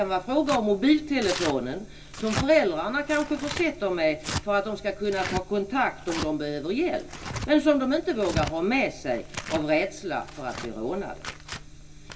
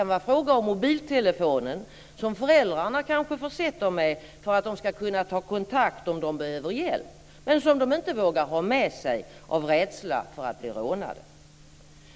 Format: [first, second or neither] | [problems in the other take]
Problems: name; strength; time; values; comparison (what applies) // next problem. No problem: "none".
second | background sound (Tearing); 11 dB below the speech // room echo; dies away in 0.2 s